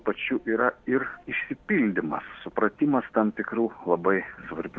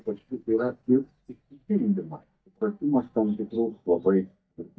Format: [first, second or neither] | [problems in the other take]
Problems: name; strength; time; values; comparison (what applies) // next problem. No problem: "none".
first | noise reduction (neural mask model DeepFilterNet 3)